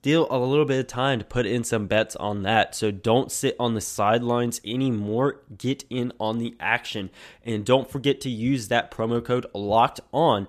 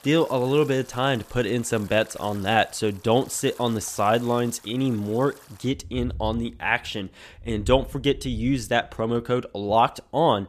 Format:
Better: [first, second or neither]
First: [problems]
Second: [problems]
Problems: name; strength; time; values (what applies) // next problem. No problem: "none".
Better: first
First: none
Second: rain or running water; noticeable; throughout; 20 dB below the speech